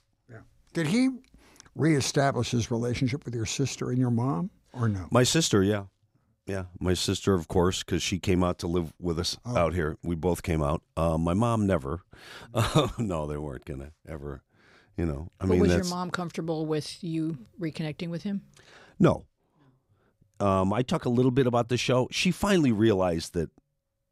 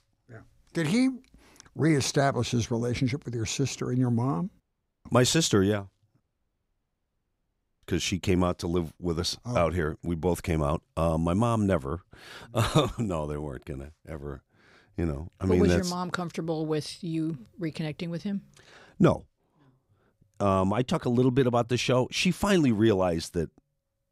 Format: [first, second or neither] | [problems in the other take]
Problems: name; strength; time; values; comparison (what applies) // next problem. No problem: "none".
first | audio cutting out; at 4.5 s and at 6 s for 1.5 s